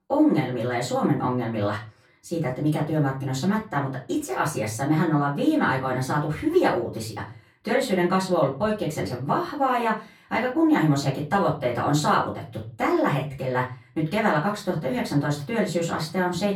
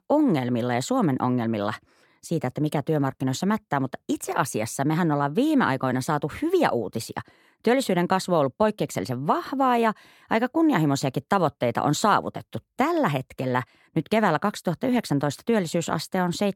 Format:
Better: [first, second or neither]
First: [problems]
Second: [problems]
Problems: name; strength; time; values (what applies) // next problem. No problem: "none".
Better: second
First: room echo; slight; dies away in 0.3 s // off-mic speech; far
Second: none